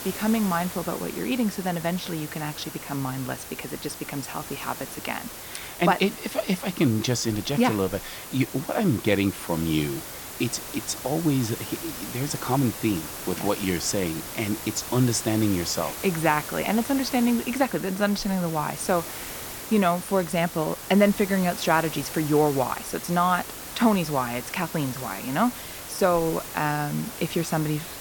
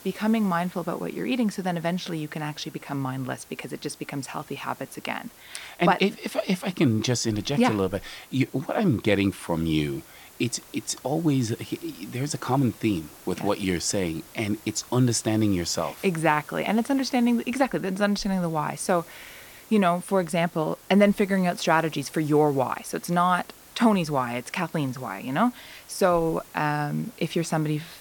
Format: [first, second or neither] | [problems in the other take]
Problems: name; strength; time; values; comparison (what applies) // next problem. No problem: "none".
second | hiss; loud; throughout; 9 dB below the speech; faint in the second